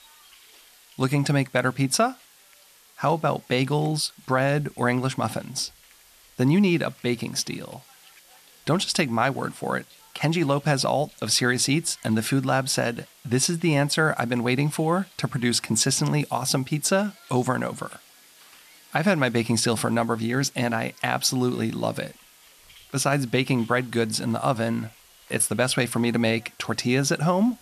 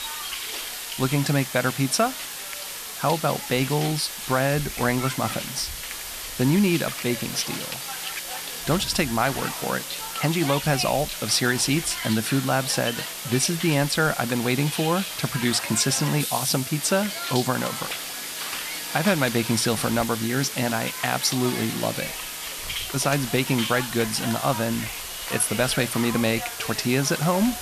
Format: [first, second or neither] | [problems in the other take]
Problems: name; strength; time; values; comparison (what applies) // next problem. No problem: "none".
first | hiss; loud; throughout; 6 dB below the speech; faint in the first